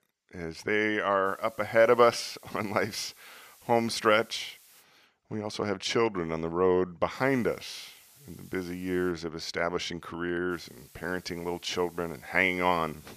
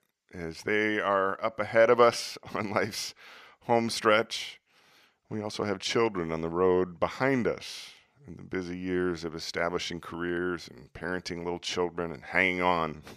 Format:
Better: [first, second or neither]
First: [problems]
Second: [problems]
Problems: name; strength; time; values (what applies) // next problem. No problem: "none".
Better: second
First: hiss; faint; from 1.5 to 5 s, from 7 to 9 s and from 11 s on; 25 dB below the speech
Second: none